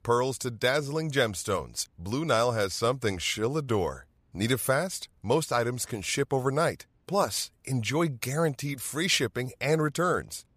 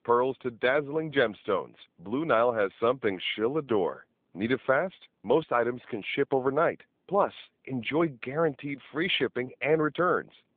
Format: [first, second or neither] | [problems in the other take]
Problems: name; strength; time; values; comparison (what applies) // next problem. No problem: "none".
first | phone-call audio